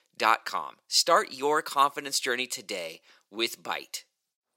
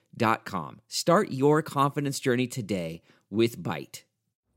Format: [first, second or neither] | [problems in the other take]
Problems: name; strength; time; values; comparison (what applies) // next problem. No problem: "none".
second | thin; very; fading below 700 Hz